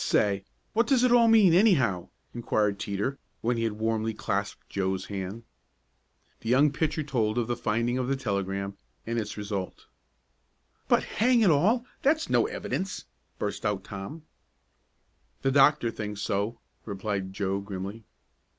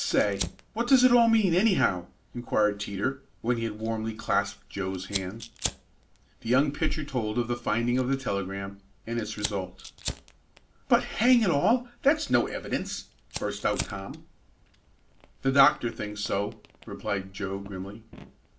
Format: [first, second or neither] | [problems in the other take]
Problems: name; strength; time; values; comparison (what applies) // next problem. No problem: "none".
first | background sound (Fire); 16 dB below the speech // room echo; dies away in 0.3 s